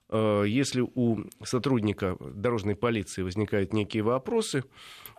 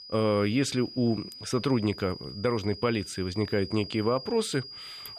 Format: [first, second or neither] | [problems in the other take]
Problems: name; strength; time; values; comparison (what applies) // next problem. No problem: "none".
first | high-pitched whine; noticeable; throughout; 5 kHz, 15 dB below the speech